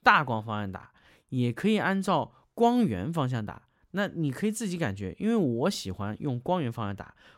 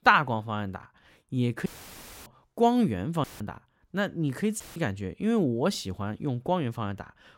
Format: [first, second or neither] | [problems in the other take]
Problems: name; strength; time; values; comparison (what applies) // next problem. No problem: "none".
first | audio cutting out; filled with static; at 1.5 s for 0.5 s, at 3 s and at 4.5 s